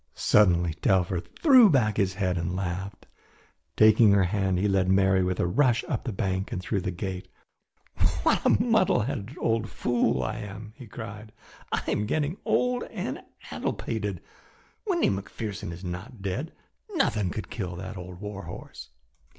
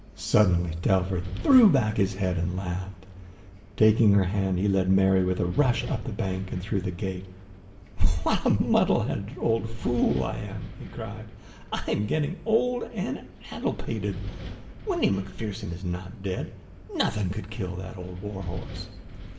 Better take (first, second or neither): first